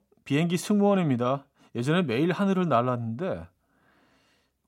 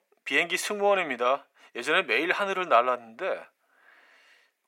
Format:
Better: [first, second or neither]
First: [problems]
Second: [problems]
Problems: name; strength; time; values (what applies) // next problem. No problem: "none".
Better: first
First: none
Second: thin; very; fading below 450 Hz